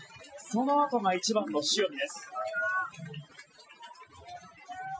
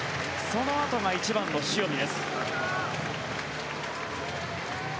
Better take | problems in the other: second | noise reduction (classical method Wiener filter)

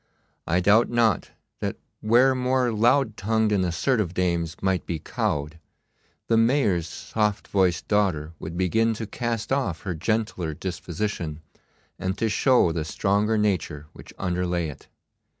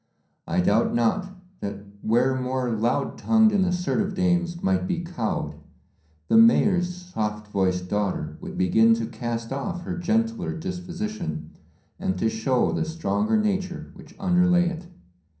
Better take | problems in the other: first | room echo; dies away in 0.6 s

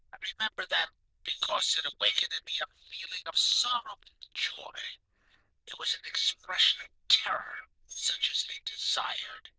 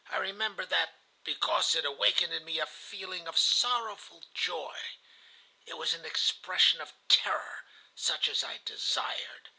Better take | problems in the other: second | noise reduction (neural diffusion model UNIVERSE++)

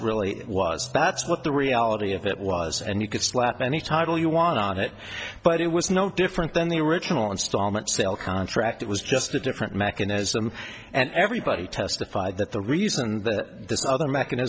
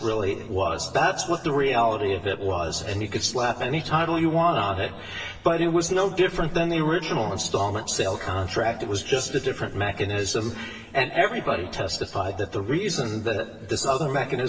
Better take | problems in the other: first | room echo; dies away in 1.4 s

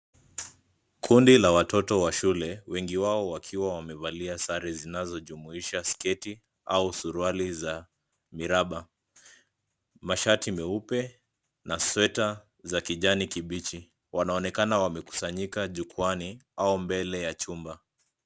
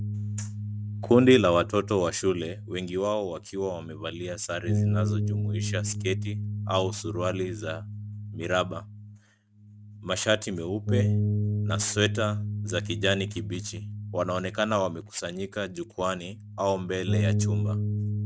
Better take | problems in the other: first | noise reduction (neural mask model RNNoise)

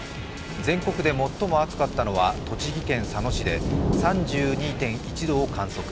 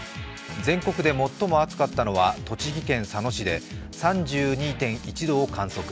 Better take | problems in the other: second | background sound (Thunder / Rain); 4 dB below the speech

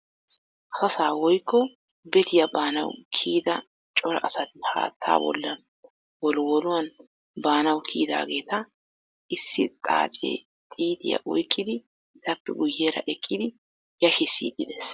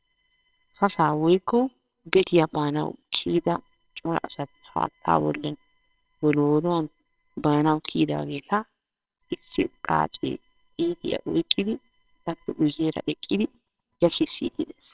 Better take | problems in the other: first | noise reduction (neural separator model SepFormer WHAMR!)

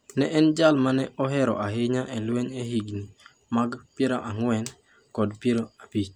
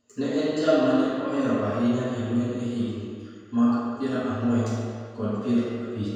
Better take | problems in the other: first | room echo; dies away in 1.9 s

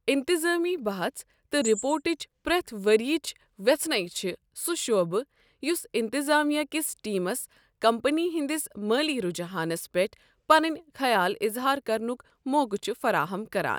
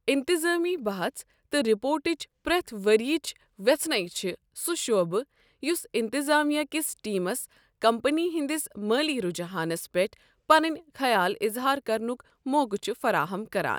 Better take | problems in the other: second | background sound (Chirp, tweet); 16 dB below the speech

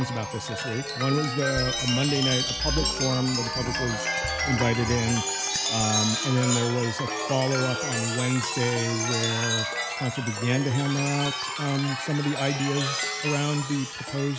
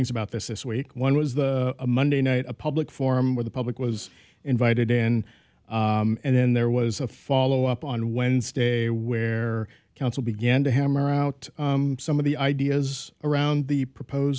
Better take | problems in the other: second | background sound (Chime); 2 dB below the speech

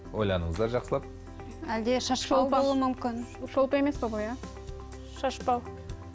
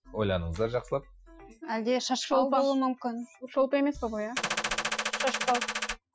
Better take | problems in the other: first | noise reduction (classical method Wiener filter)

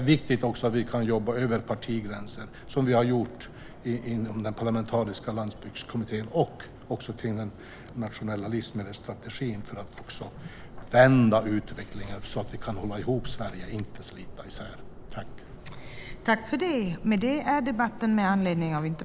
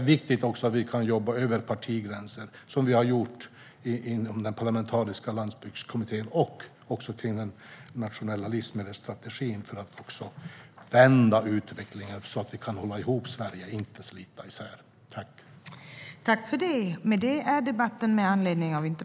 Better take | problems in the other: second | background sound (Subway, metro, underground); 13 dB below the speech

